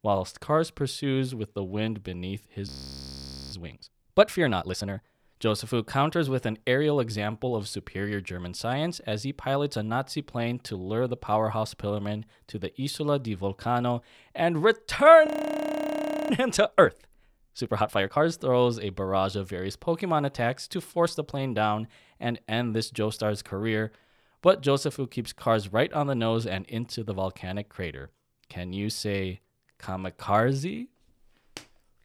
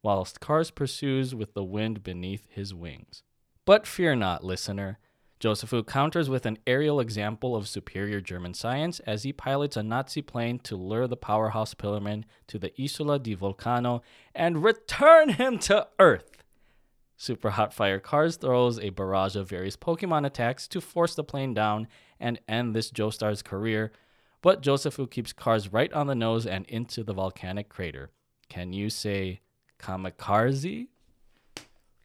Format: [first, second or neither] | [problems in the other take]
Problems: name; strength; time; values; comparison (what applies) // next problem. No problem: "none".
second | audio freezing; at 2.5 s for 1 s and at 15 s for 1 s